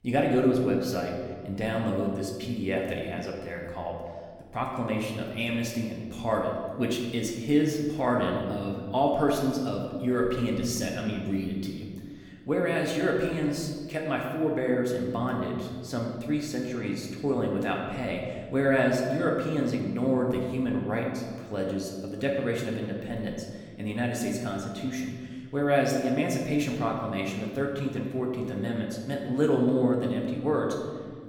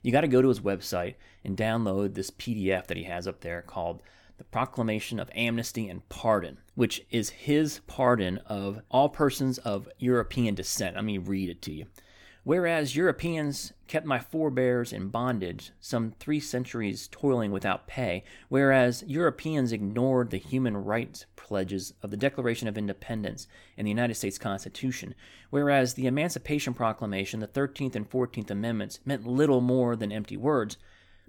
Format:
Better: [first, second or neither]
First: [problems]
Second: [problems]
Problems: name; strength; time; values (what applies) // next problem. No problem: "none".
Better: second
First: room echo; noticeable; dies away in 1.5 s // off-mic speech; somewhat distant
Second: none